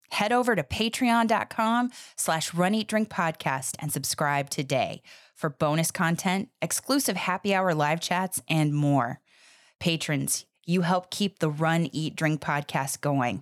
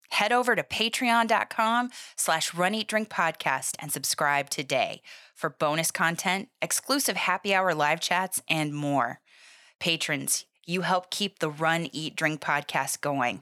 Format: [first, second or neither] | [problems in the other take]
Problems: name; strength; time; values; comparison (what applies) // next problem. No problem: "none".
first | thin; very slightly; fading below 400 Hz